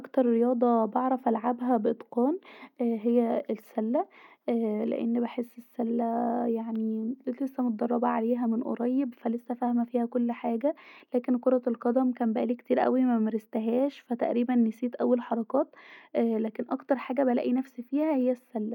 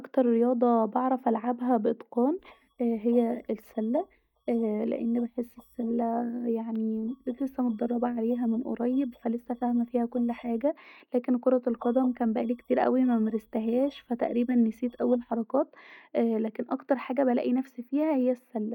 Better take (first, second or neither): first